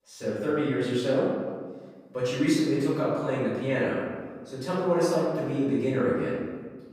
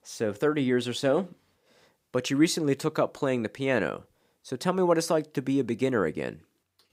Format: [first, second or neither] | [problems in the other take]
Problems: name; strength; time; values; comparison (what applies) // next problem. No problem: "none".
second | off-mic speech; far // room echo; strong; dies away in 1.5 s